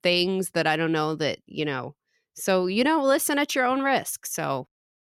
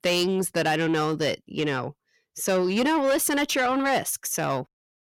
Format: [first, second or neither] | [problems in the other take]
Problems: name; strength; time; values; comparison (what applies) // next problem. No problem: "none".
first | distortion; slight; 10 dB below the speech